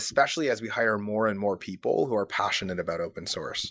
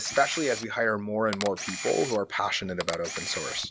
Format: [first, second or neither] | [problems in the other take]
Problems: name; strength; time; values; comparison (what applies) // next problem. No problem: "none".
first | background sound (Camera); 9 dB below the speech